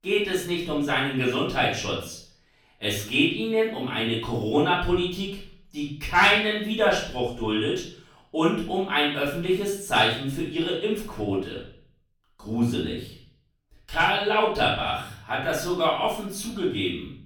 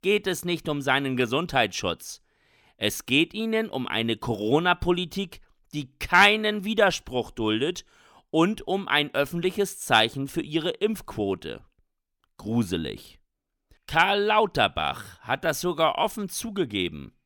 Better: second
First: off-mic speech; far // room echo; noticeable; dies away in 0.5 s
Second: none

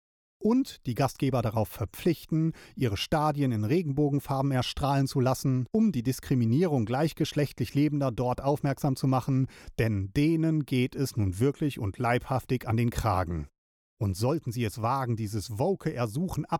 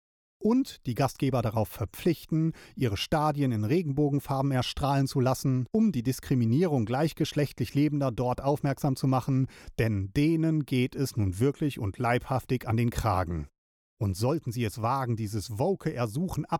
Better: neither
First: none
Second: none

